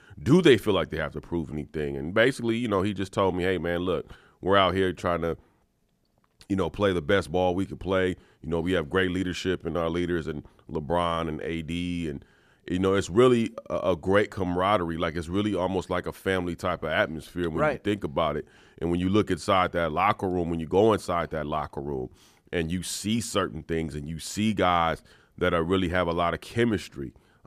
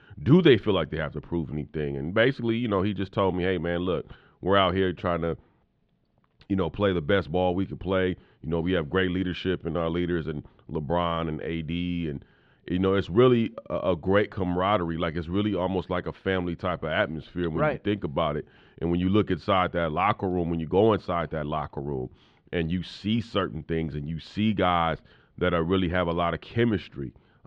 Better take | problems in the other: first | muffled; slightly; fading above 3.5 kHz

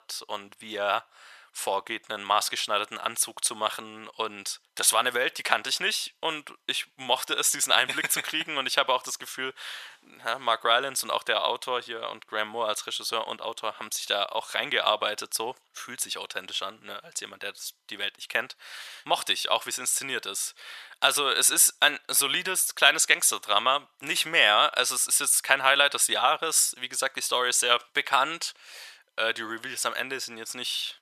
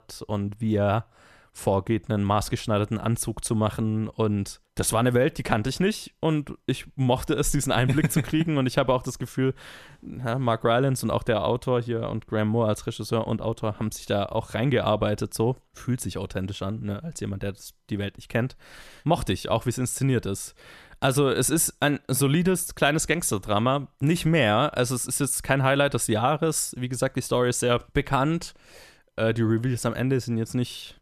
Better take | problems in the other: second | thin; very; fading below 1 kHz

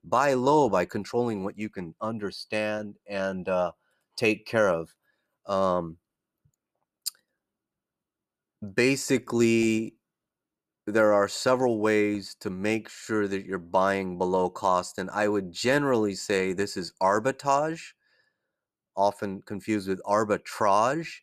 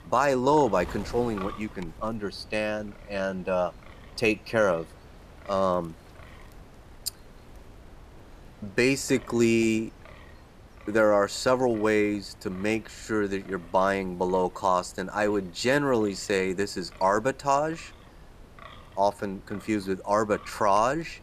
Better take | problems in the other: first | wind noise on the microphone; occasional gusts; 25 dB below the speech

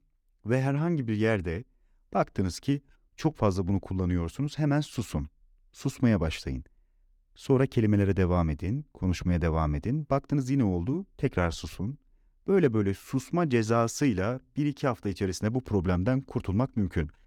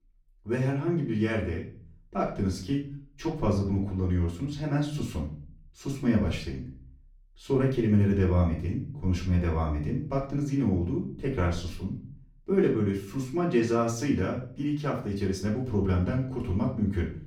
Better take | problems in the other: first | room echo; slight; dies away in 0.4 s // off-mic speech; far

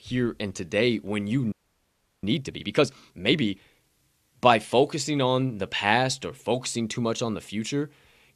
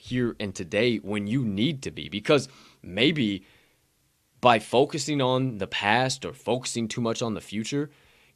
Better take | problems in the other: second | audio freezing; at 1.5 s for 0.5 s

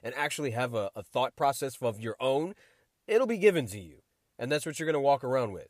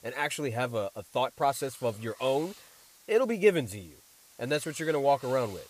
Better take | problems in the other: first | hiss; faint; throughout; 20 dB below the speech

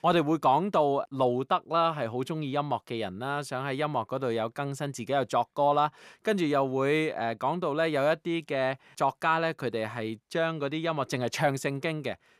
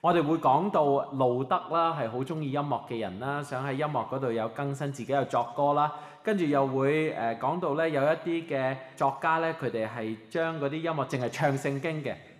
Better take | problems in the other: first | room echo; slight; dies away in 1.3 s

